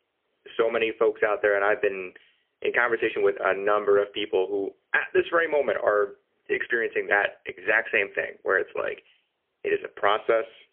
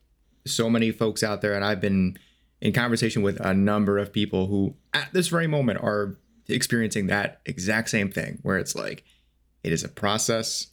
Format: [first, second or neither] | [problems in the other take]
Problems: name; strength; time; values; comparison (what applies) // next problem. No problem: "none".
second | phone-call audio; poor line; nothing above 3 kHz